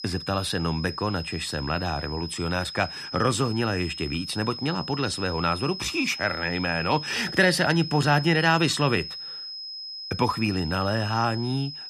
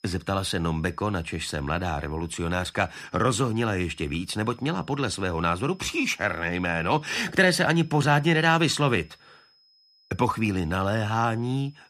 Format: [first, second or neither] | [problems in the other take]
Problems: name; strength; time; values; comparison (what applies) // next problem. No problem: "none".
second | high-pitched whine; loud; throughout; 5 kHz, 9 dB below the speech; faint in the second